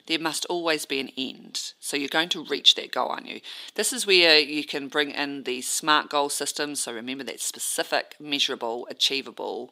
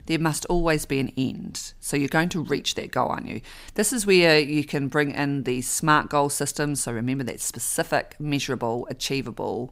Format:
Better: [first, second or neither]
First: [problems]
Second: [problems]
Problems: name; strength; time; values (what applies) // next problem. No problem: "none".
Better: second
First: thin; very slightly; fading below 300 Hz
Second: none